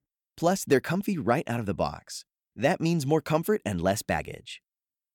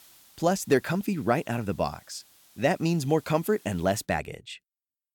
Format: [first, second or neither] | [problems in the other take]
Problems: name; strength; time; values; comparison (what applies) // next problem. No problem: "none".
first | hiss; faint; until 4 s; 25 dB below the speech